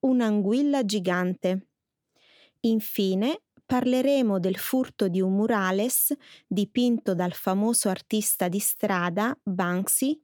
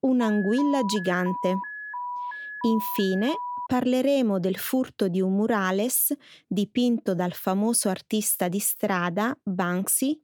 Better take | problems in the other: first | alarm; noticeable; until 3.5 s; peak 7 dB below the speech

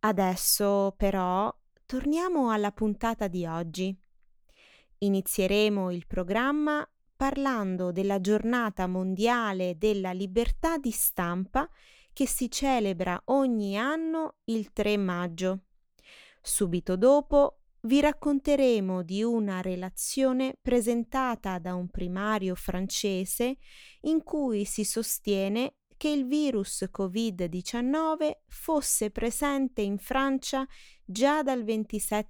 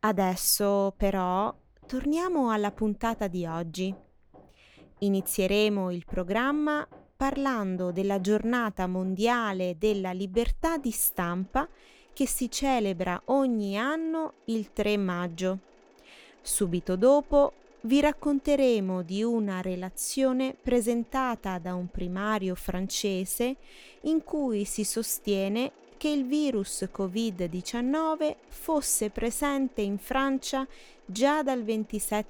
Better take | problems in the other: first | machinery noise; faint; throughout; 30 dB below the speech

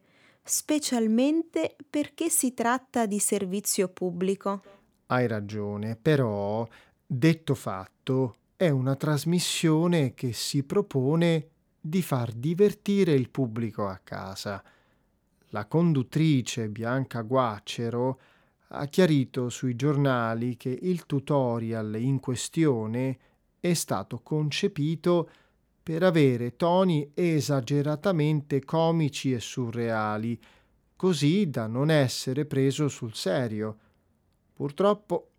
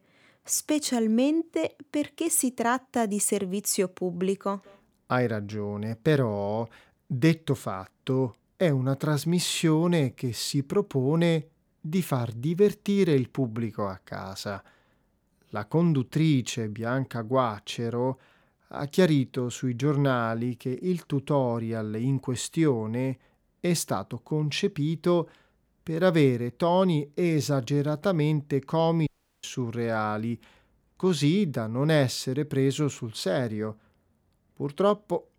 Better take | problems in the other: first | audio cutting out; at 29 s

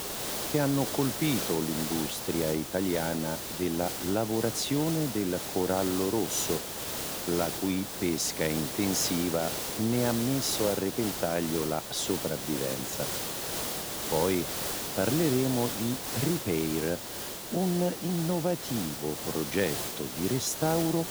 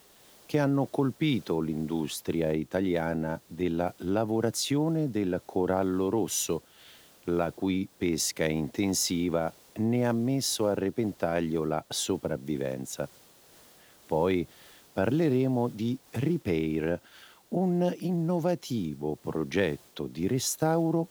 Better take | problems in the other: second | hiss; loud; throughout; 3 dB below the speech; faint in the second

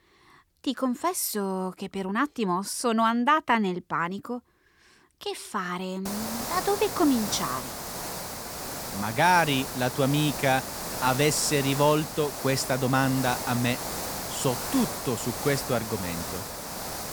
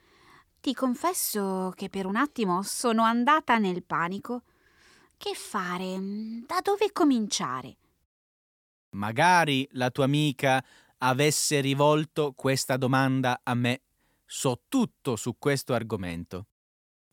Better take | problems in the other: second | hiss; loud; from 6 s on; 6 dB below the speech

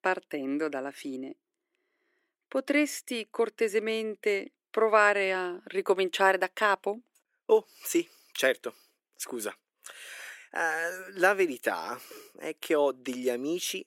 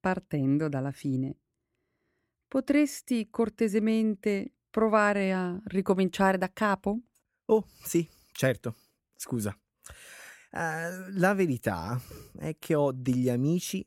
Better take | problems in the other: second | thin; somewhat; fading below 350 Hz

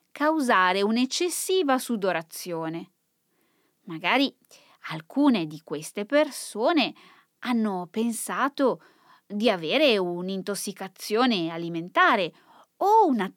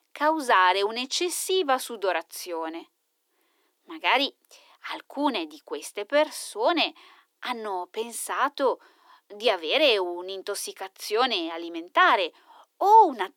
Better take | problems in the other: first | thin; somewhat; fading below 300 Hz

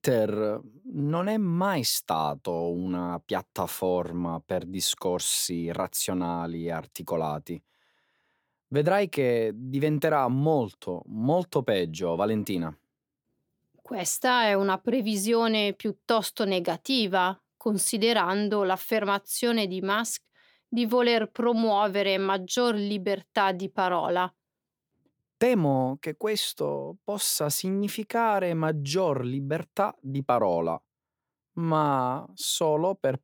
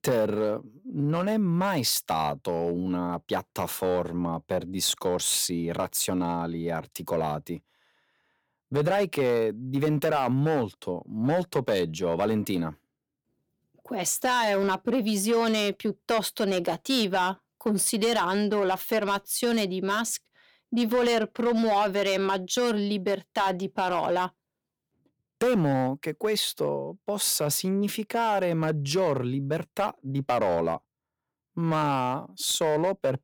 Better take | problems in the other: first | distortion; slight; 5% of the sound clipped

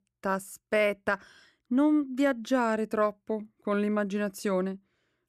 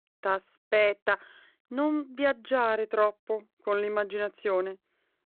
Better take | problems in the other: first | phone-call audio

